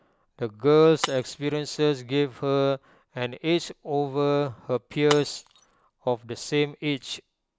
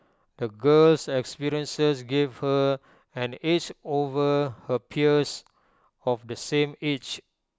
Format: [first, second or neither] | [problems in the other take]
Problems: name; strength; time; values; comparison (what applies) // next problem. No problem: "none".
second | background sound (Shatter); 15 dB below the speech